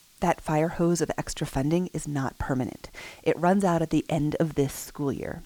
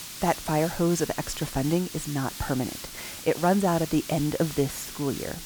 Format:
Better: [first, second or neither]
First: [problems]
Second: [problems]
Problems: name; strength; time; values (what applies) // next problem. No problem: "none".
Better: first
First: hiss; faint; throughout; 30 dB below the speech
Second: hiss; loud; throughout; 10 dB below the speech